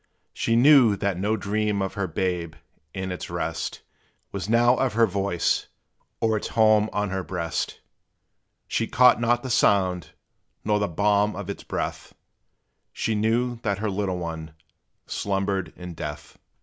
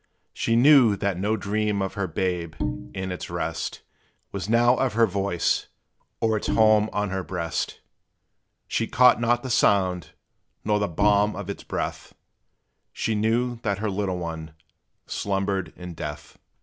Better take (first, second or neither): first